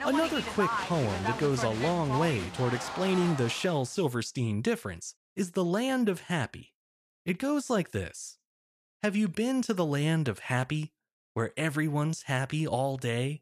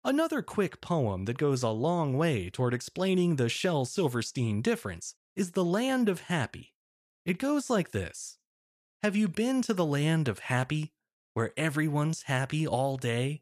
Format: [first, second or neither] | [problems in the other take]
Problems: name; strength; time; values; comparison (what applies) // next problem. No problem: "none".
second | crowd noise; loud; until 3.5 s; 4 dB below the speech